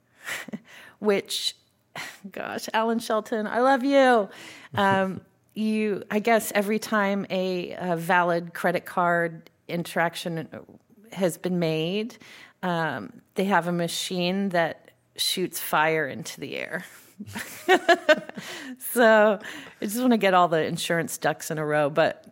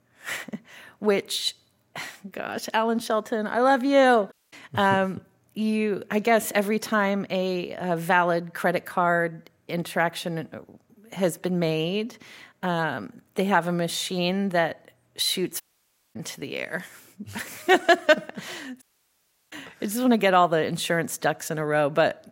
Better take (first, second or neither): first